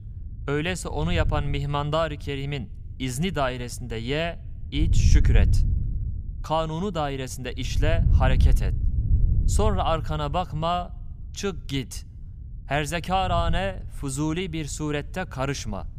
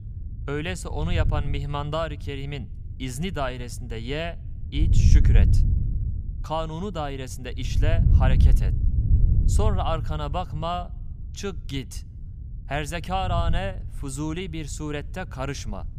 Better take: first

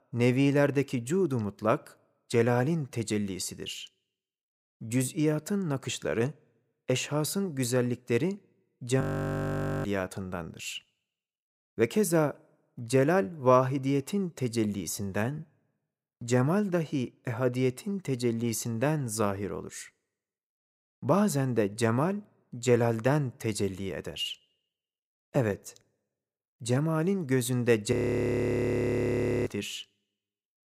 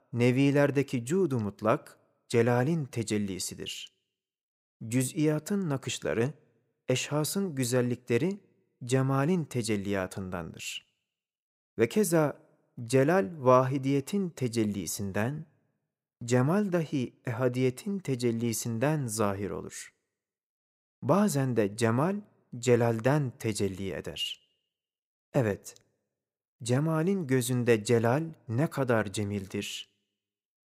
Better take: second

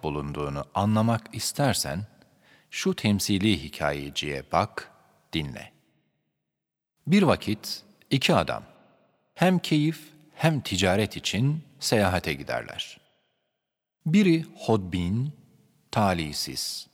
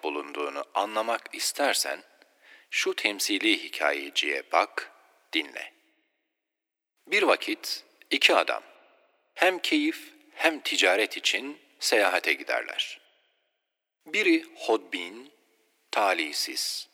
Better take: first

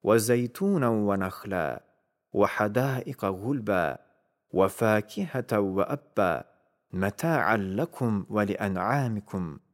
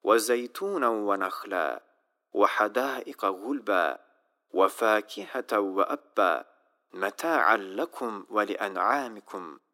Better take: first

